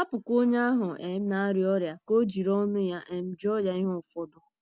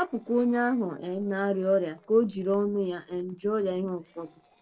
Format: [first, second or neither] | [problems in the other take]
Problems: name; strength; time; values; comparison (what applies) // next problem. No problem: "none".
first | noise reduction (neural separator model SepFormer DNS4)